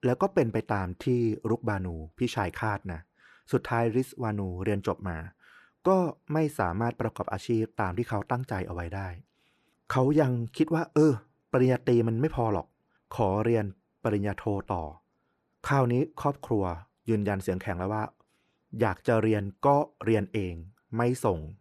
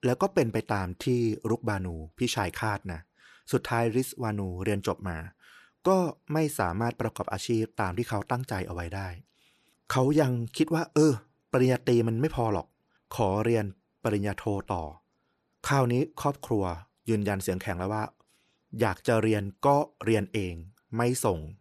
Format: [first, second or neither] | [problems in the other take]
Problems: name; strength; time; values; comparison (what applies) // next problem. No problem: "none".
second | muffled; slightly; fading above 3 kHz